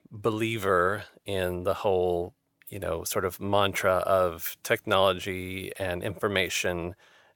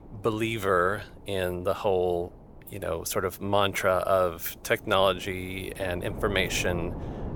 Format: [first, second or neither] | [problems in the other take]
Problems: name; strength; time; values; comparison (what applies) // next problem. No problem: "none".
first | wind noise on the microphone; occasional gusts; 20 dB below the speech